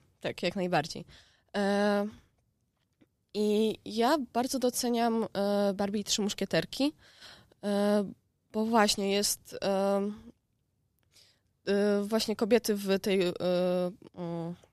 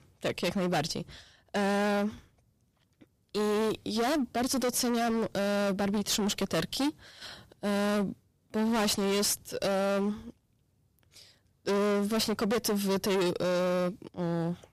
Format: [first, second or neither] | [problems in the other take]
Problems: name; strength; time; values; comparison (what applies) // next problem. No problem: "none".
first | distortion; heavy; 22% of the sound clipped